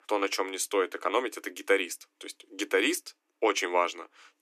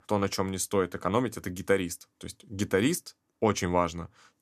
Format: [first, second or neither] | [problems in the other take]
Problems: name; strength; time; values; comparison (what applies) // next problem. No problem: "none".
second | thin; somewhat; fading below 300 Hz